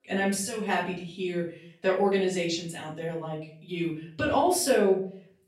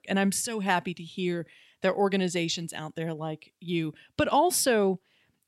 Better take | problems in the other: second | off-mic speech; far // room echo; slight; dies away in 0.4 s

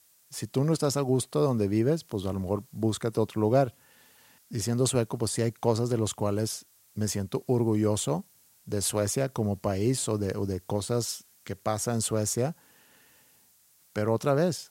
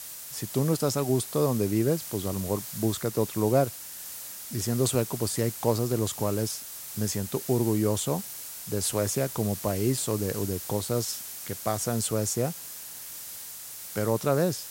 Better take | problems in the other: first | hiss; loud; throughout; 8 dB below the speech; faint in the first

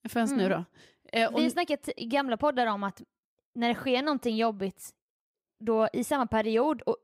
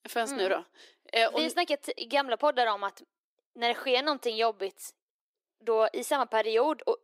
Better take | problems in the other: first | thin; somewhat; fading below 350 Hz

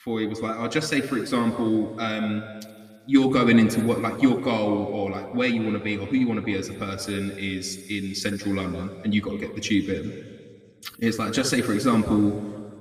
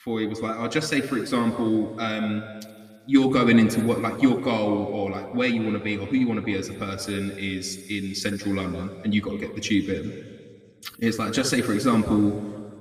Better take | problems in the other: neither | room echo; noticeable; dies away in 1.9 s; the same in both // off-mic speech; somewhat distant; the same in both

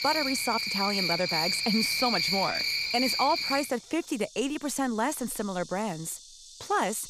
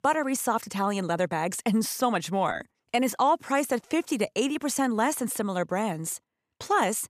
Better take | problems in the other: second | animal sounds; very loud; throughout; 3 dB above the speech

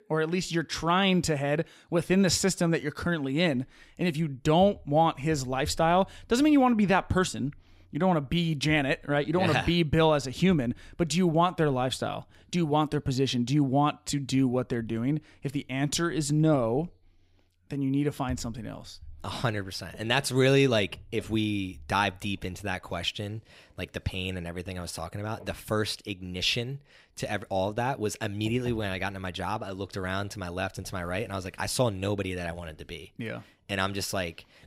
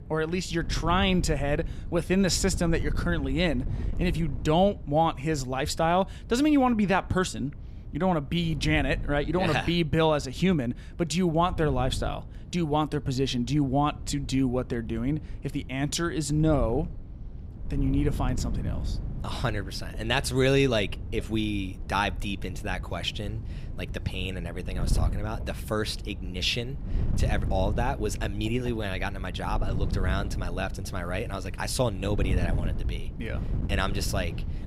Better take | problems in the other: first | wind noise on the microphone; occasional gusts; 20 dB below the speech

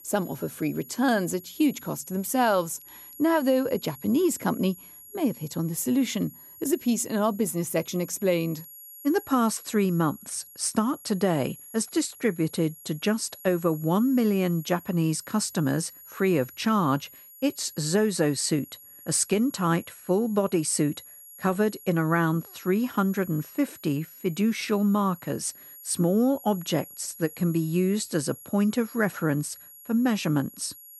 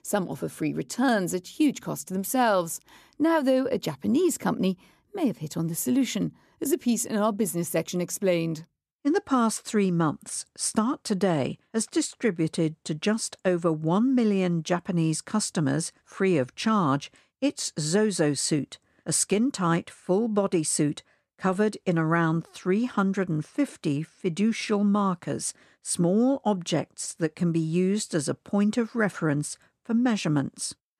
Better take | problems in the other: second | high-pitched whine; noticeable; throughout; 11.5 kHz, 20 dB below the speech

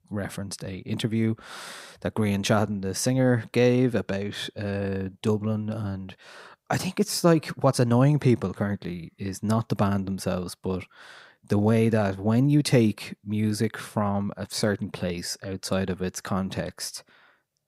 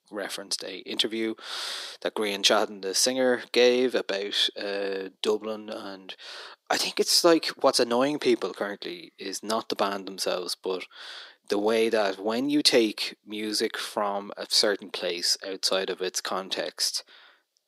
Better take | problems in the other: first | thin; somewhat; fading below 350 Hz

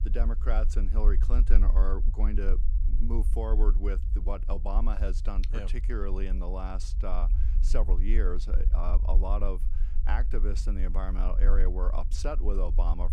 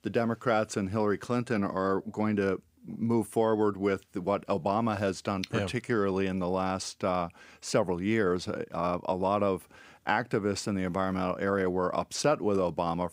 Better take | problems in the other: second | low rumble; noticeable; throughout; 15 dB below the speech

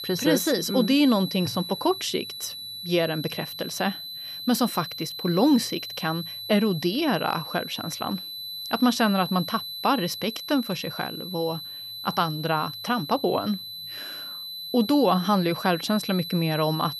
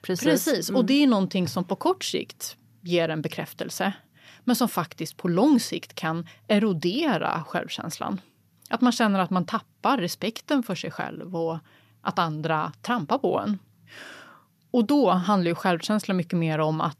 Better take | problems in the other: second | high-pitched whine; loud; throughout; 4 kHz, 8 dB below the speech

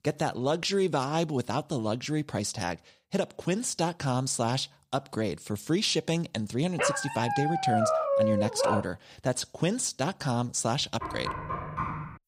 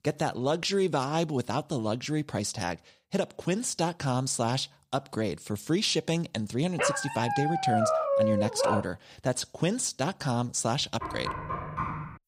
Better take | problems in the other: neither | dog barking; loud; from 7 to 9 s; peak 4 dB above the speech; the same in both // door banging; noticeable; from 11 s on; peak 4 dB below the speech; the same in both

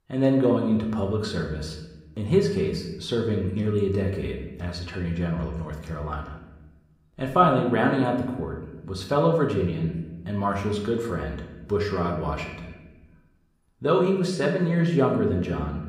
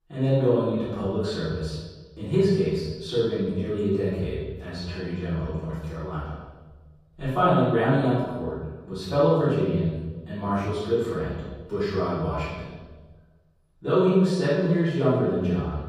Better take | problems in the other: first | room echo; strong; dies away in 1.2 s; slight in the first // off-mic speech; far

